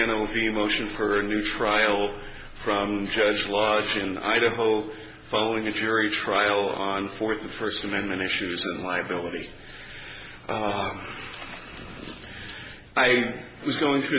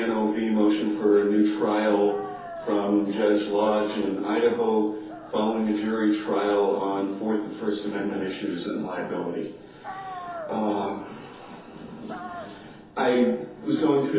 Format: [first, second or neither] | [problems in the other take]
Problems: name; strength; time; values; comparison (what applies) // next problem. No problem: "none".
first | background sound (Dog); 19 dB below the speech // room echo; dies away in 0.5 s